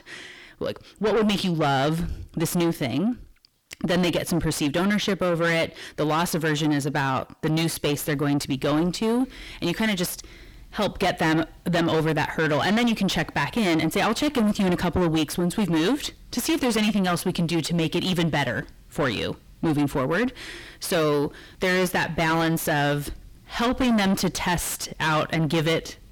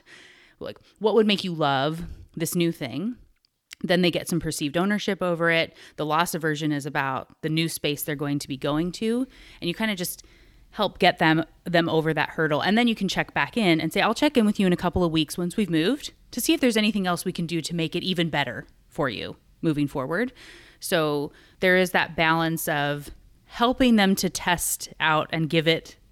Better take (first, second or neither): second